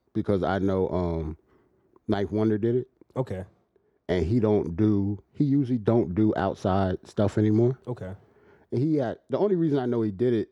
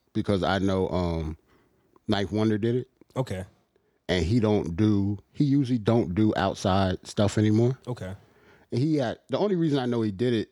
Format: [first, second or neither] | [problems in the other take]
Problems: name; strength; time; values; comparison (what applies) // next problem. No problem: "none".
second | muffled; slightly; fading above 2 kHz